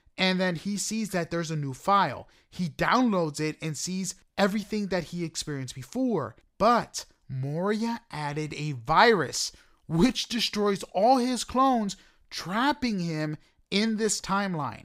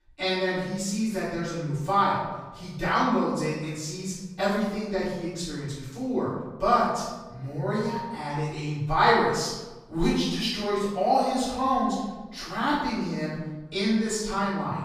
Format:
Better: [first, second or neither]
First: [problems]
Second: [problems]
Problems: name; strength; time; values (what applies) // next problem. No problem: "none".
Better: first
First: none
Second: room echo; noticeable; dies away in 1 s // off-mic speech; far